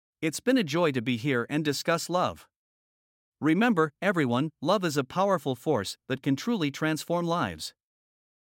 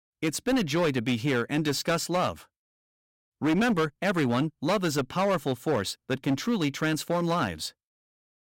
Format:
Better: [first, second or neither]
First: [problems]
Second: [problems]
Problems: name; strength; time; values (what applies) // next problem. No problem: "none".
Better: first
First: none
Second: distortion; slight; 12% of the sound clipped